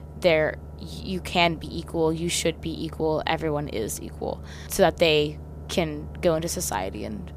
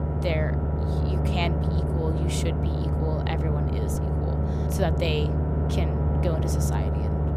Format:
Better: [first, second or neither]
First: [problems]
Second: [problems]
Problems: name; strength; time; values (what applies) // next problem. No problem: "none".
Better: first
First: low rumble; faint; throughout; 25 dB below the speech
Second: low rumble; loud; throughout; as loud as the speech